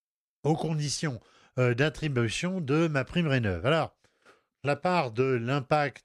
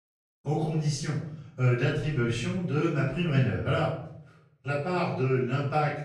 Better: first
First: none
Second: off-mic speech; far // room echo; noticeable; dies away in 0.6 s

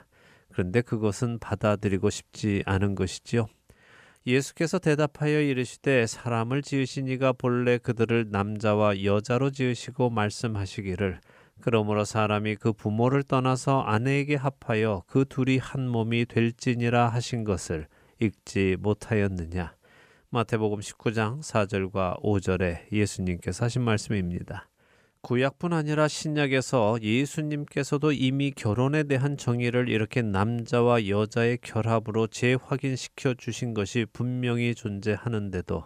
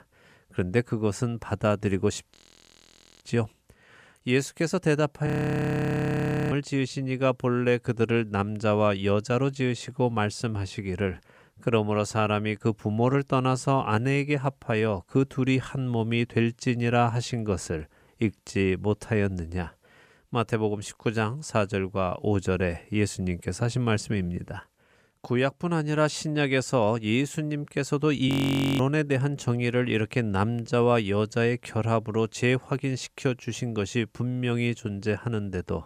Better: first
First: none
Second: audio freezing; at 2.5 s for 1 s, at 5.5 s for 1 s and at 28 s for 0.5 s

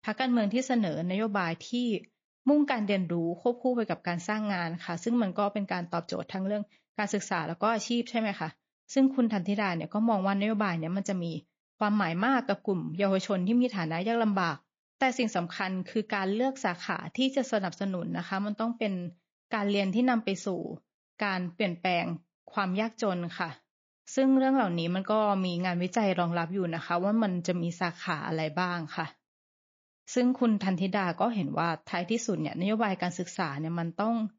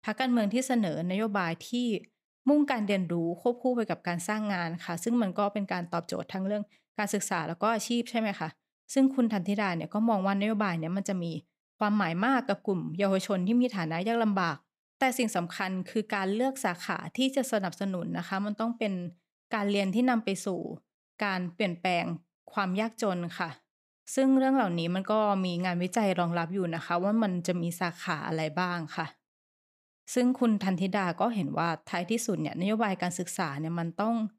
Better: second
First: garbled, watery; slightly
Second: none

